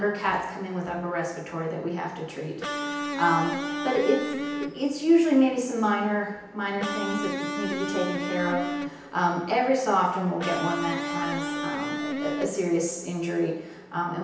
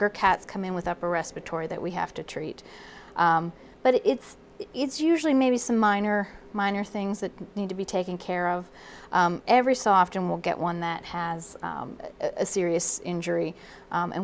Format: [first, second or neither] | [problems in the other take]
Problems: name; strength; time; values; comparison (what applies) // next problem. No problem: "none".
second | background sound (Electric guitar); 5 dB below the speech // room echo; dies away in 0.9 s